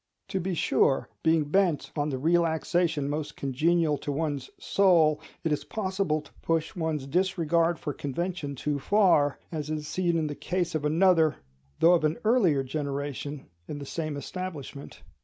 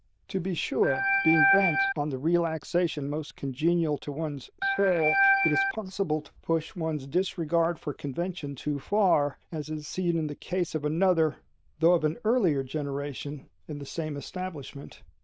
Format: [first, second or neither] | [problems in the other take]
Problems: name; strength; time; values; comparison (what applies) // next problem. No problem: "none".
first | noise reduction (neural diffusion model UNIVERSE++)